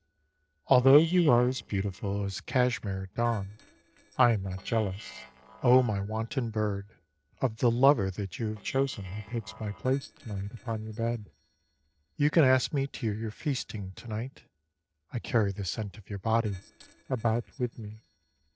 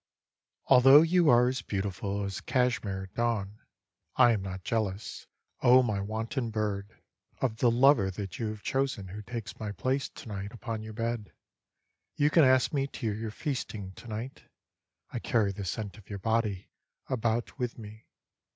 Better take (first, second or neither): second